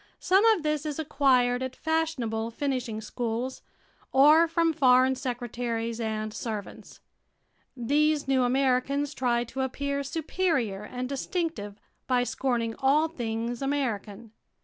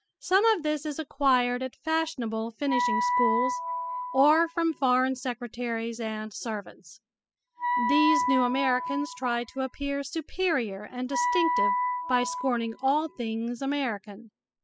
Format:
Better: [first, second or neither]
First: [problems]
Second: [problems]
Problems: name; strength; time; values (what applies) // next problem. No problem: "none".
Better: first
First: none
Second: noise reduction (classical method spectral subtraction)